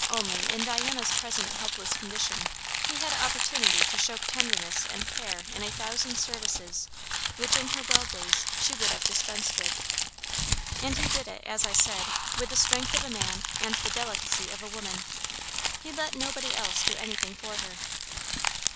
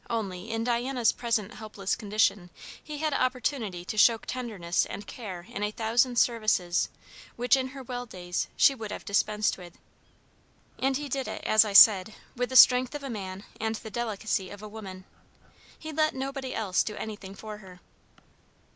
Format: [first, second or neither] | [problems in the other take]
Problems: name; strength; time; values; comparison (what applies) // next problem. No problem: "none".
second | background sound (Crumpling, crinkling); 5 dB above the speech